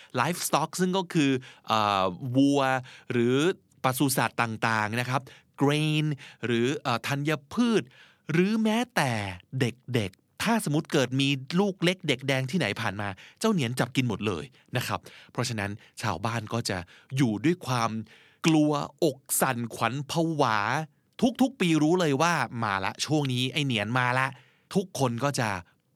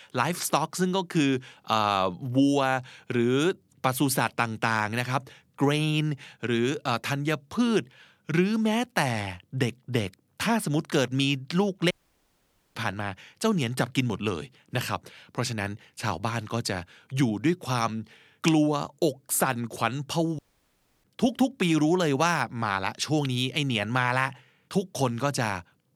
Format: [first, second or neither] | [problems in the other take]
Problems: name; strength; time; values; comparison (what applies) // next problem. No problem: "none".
first | audio cutting out; at 12 s for 1 s and at 20 s for 0.5 s